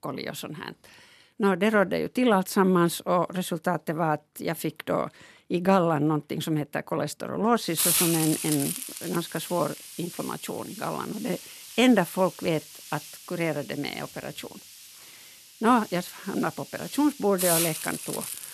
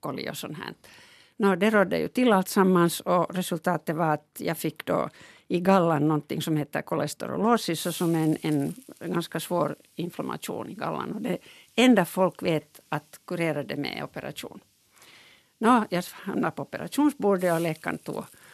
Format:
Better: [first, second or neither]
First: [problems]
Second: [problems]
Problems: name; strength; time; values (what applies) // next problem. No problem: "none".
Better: second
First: hiss; loud; from 7.5 s on; 3 dB below the speech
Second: hiss; faint; from 7.5 s on; 20 dB below the speech